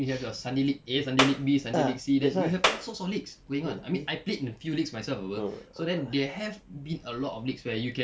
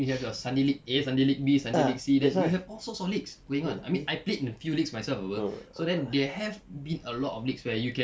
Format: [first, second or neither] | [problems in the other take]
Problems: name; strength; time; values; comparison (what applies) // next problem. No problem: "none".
second | background sound (Clapping); 1 dB above the speech